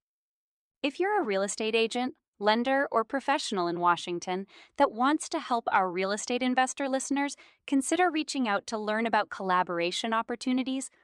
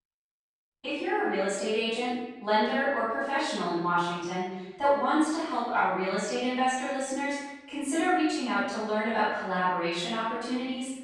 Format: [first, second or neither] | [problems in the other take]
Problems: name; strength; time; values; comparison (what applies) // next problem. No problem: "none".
first | room echo; strong; dies away in 1.1 s // off-mic speech; far